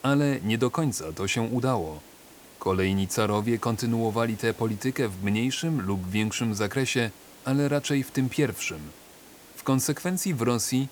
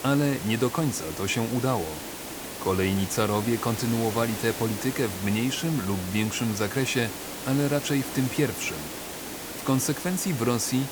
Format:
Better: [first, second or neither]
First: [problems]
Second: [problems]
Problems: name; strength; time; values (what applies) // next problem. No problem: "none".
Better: first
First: hiss; faint; throughout; 20 dB below the speech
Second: hiss; loud; throughout; 8 dB below the speech